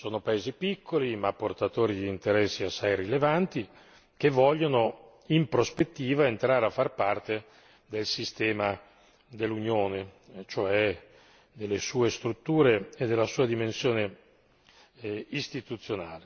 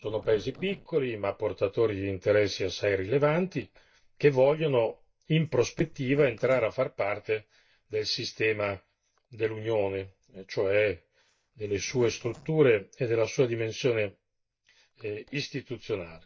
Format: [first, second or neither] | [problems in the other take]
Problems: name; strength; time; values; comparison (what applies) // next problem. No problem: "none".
first | noise reduction (neural mask model DeepFilterNet 3)